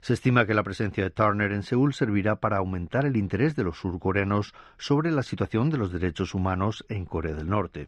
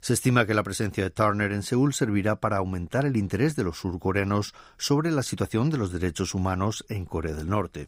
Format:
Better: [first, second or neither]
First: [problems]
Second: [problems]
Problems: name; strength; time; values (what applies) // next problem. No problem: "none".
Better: second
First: muffled; slightly; fading above 3 kHz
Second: none